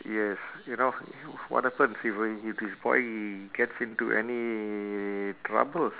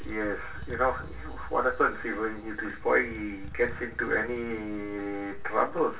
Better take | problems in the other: first | background sound (Motorcycle); 16 dB below the speech // room echo; dies away in 0.2 s

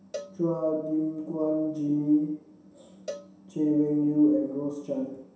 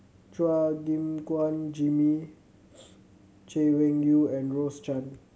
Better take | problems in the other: second | background sound (Cowbell); 19 dB below the speech // room echo; dies away in 0.7 s

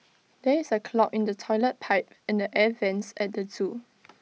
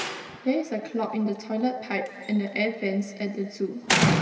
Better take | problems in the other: first | background sound (Slam); 2 dB below the speech // room echo; dies away in 2.3 s

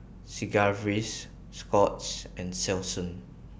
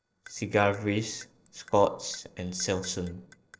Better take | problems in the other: first | noise reduction (neural separator model SepFormer DNS4)

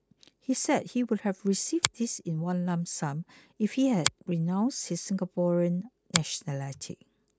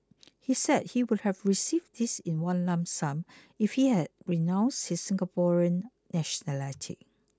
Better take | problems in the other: second | background sound (Finger snapping); 7 dB below the speech

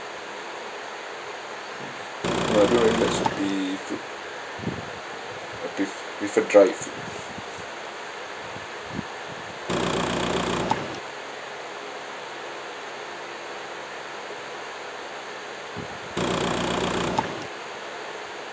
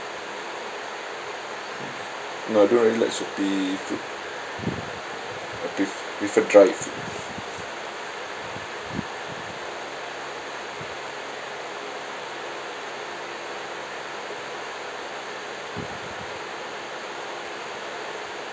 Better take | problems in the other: second | background sound (Engine / Car); 3 dB above the speech

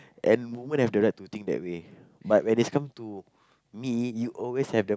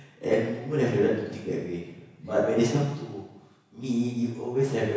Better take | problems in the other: first | room echo; dies away in 1.1 s

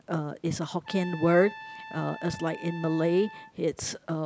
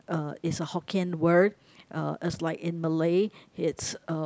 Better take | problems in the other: second | background sound (Trumpet); 16 dB below the speech

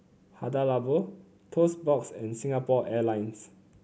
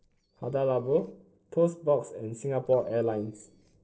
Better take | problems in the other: first | noise reduction (neural separator model SepFormer DNS4)

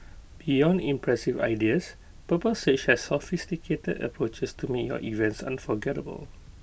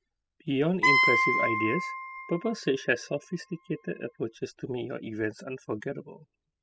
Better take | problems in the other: first | noise reduction (classical method spectral subtraction)

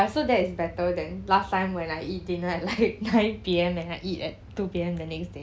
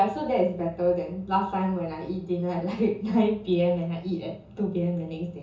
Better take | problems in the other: first | room echo; dies away in 0.5 s

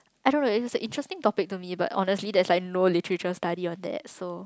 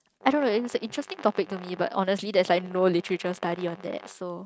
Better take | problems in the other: first | noise reduction (neural mask model RNNoise)

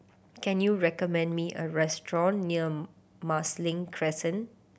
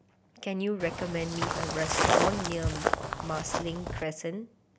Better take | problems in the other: first | background sound (Walk, footsteps); 4 dB above the speech

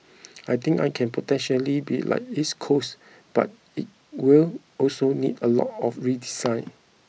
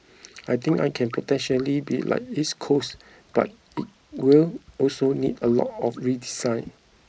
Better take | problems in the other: first | noise reduction (neural mask model Resemble Enhance denoiser)

